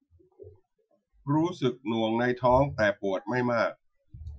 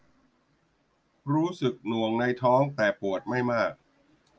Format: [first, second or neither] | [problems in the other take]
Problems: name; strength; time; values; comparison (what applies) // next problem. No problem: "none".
second | noise reduction (classical method Wiener filter)